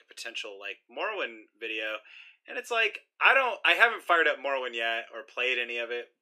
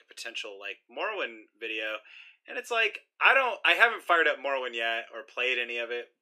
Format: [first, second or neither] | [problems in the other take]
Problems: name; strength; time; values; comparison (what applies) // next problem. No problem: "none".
neither | thin; very; fading below 300 Hz; the same in both